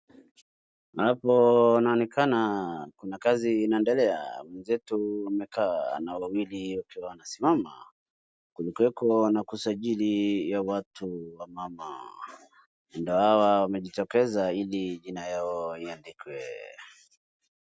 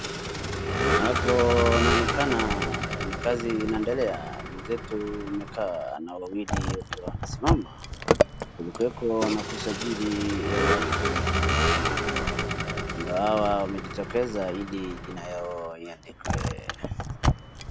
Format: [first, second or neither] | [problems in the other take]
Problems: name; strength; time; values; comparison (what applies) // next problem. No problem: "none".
first | background sound (Vehicle); 2 dB above the speech